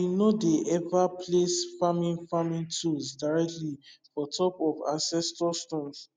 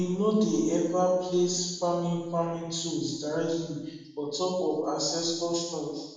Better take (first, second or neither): first